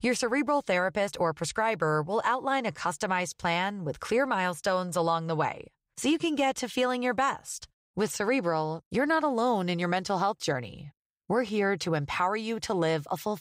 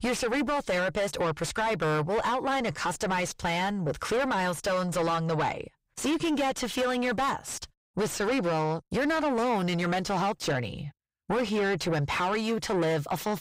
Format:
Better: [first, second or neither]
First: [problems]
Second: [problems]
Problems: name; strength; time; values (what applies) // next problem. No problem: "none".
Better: first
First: none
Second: distortion; heavy; 6 dB below the speech